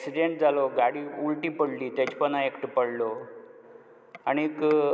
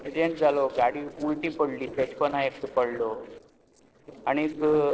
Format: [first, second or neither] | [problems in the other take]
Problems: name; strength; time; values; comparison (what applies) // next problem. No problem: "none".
first | noise reduction (neural separator model SepFormer DNS4)